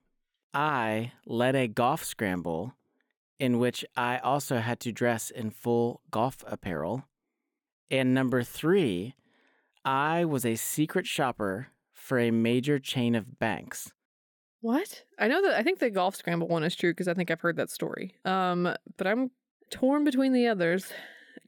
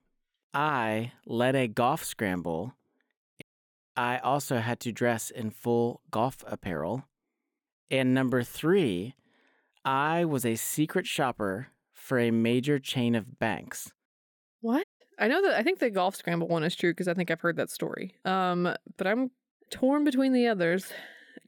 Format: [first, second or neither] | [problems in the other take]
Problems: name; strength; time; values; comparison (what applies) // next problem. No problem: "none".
first | audio cutting out; at 3.5 s for 0.5 s and at 15 s